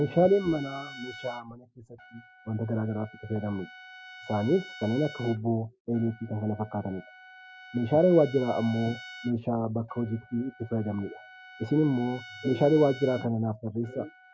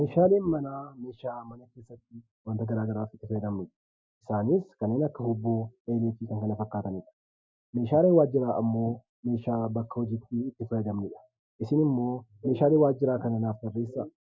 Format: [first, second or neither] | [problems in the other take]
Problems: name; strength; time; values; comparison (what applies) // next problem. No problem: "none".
second | background sound (Trumpet); 19 dB below the speech